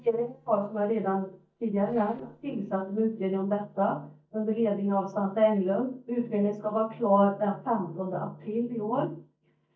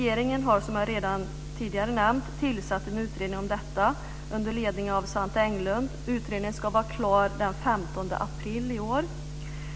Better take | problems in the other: second | noise reduction (neural mask model DeepFilterNet 3)

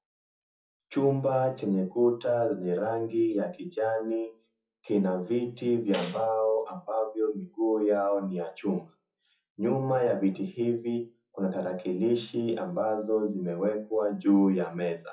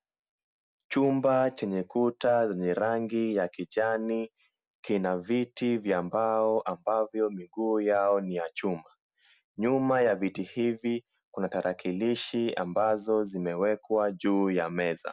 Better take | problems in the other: second | noise reduction (classical method WPE with log-MMSE)

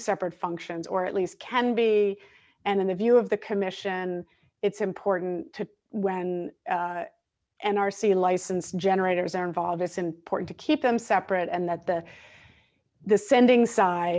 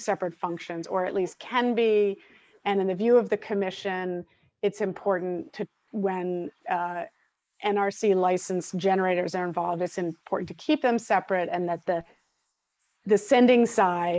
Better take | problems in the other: first | noise reduction (neural mask model Resemble Enhance denoiser)

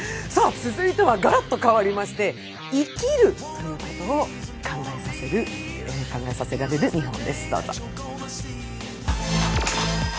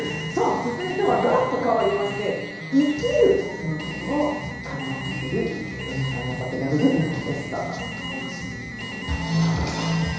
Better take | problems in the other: first | background sound (Alarm); 11 dB below the speech // room echo; dies away in 1 s

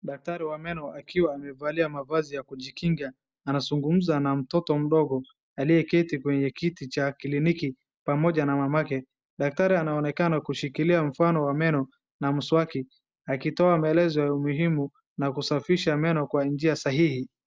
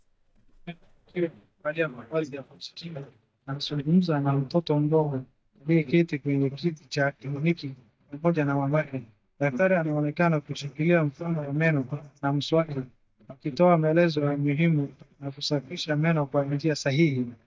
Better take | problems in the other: first | noise reduction (neural mask model DeepFilterNet 3)

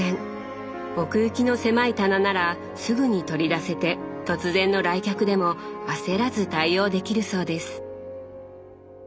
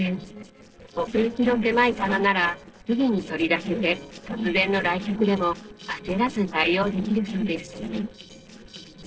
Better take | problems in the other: first | noise reduction (neural separator model SepFormer DNS4)

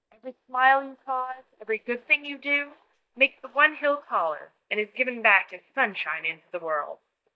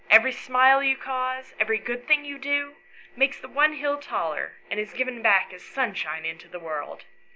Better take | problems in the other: second | noise reduction (neural mask model DeepFilterNet 3)

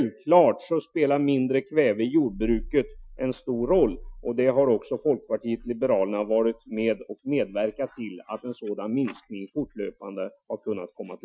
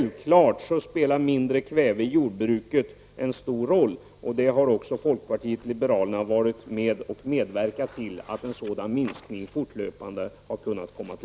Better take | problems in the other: second | noise reduction (classical method Wiener filter)

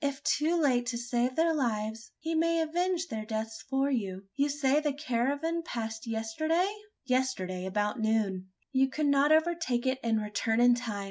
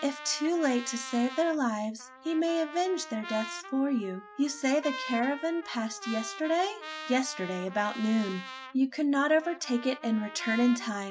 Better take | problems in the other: first | background sound (Trumpet); 13 dB below the speech

